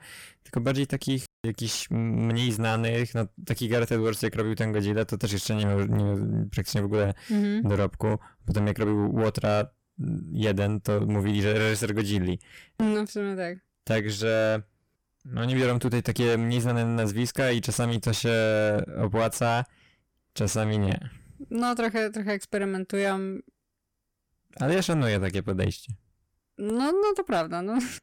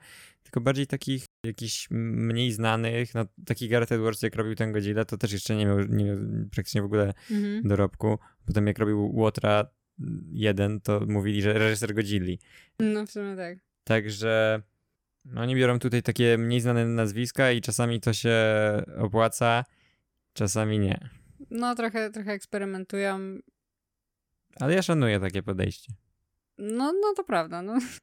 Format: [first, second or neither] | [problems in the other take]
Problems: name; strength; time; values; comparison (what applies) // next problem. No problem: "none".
second | distortion; heavy; 7 dB below the speech